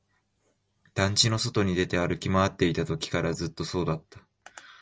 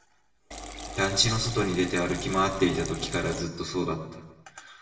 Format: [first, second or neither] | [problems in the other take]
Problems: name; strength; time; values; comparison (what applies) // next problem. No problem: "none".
first | background sound (Liquid); 10 dB below the speech // room echo; dies away in 1 s